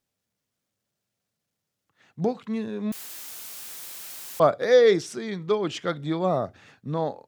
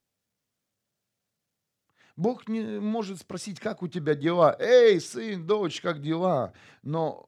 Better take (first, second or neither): second